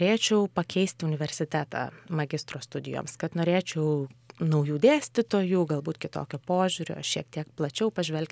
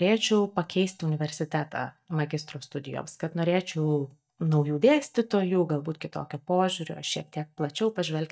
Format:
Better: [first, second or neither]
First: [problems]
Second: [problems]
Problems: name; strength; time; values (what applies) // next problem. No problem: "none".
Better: first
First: none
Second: noise reduction (neural mask model DeepFilterNet 3)